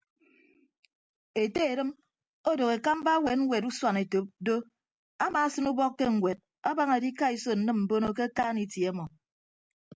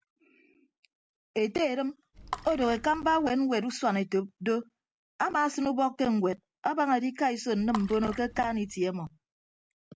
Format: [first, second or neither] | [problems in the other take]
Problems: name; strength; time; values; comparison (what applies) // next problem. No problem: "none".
first | background sound (Water / Splash, splatter); 13 dB below the speech